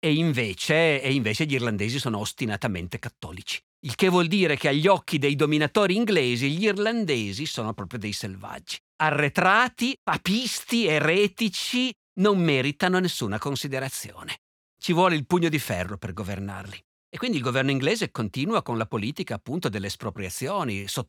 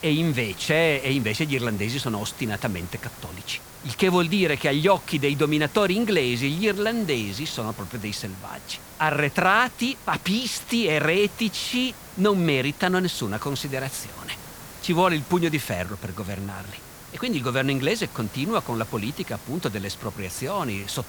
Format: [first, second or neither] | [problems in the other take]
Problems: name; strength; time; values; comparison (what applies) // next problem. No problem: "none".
first | hiss; noticeable; throughout; 15 dB below the speech